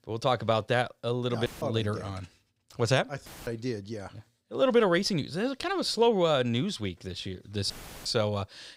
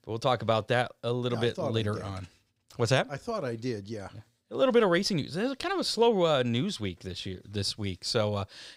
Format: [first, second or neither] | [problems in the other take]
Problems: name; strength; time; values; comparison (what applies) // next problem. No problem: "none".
second | audio cutting out; filled with static; at 1.5 s, at 3.5 s and at 7.5 s